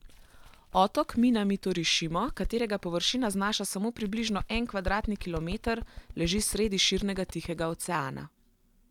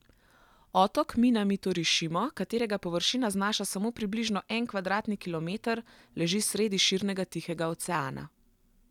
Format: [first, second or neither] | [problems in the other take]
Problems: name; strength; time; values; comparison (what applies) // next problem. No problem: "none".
second | background sound (Bird); 12 dB below the speech